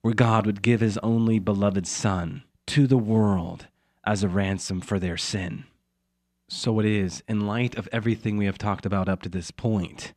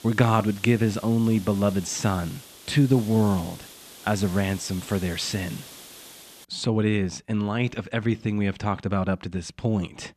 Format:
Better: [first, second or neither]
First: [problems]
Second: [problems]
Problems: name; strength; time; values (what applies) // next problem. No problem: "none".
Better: first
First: none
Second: hiss; noticeable; until 6.5 s; 15 dB below the speech